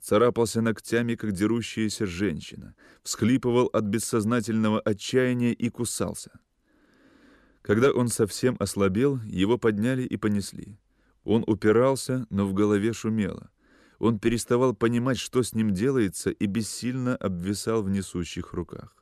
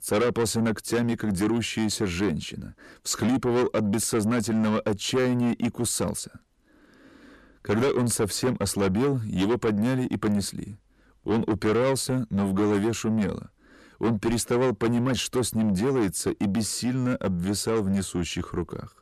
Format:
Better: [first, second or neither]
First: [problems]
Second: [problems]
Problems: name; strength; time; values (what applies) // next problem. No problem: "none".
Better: first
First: none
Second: distortion; heavy; 8 dB below the speech